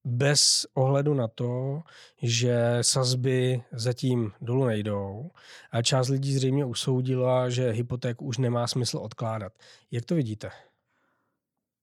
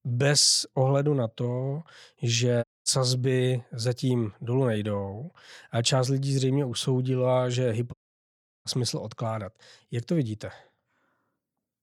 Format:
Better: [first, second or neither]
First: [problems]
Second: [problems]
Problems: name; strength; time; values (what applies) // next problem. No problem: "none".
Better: first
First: none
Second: audio cutting out; at 2.5 s and at 8 s for 0.5 s